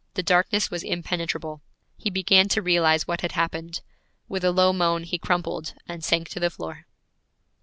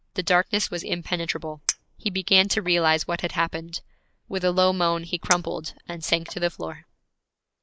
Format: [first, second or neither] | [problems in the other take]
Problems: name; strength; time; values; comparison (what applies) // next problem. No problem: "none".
first | noise reduction (neural mask model Resemble Enhance denoiser)